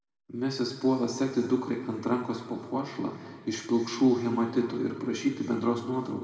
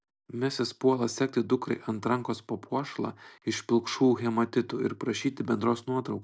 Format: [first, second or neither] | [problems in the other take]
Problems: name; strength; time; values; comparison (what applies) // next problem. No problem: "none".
second | room echo; dies away in 1.7 s